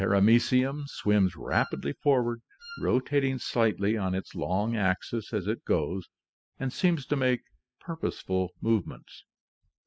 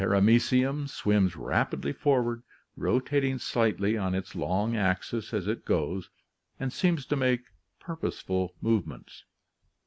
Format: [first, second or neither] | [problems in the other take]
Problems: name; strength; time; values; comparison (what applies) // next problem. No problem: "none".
second | noise reduction (classical method spectral subtraction)